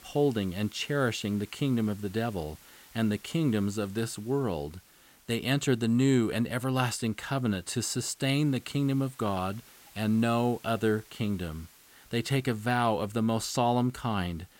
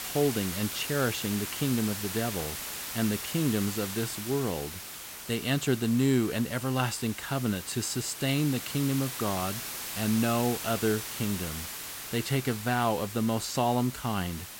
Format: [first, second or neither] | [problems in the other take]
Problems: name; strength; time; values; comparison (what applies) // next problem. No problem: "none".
first | hiss; loud; throughout; 6 dB below the speech; faint in the first